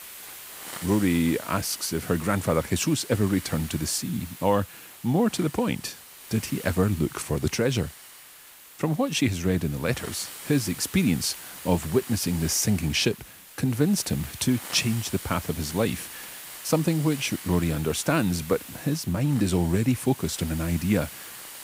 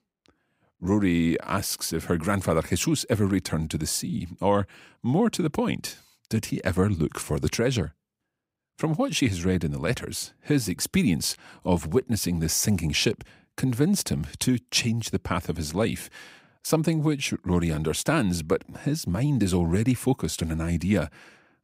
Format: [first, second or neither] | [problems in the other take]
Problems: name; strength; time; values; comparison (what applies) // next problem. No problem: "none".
second | hiss; noticeable; throughout; 15 dB below the speech